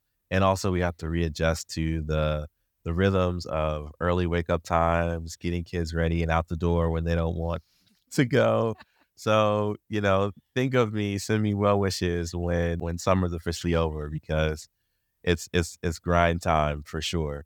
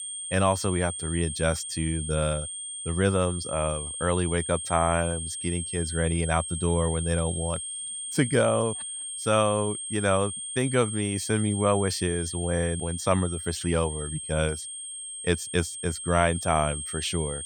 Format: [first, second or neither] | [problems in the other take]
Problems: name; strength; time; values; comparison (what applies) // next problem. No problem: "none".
first | high-pitched whine; loud; throughout; 8.5 kHz, 6 dB below the speech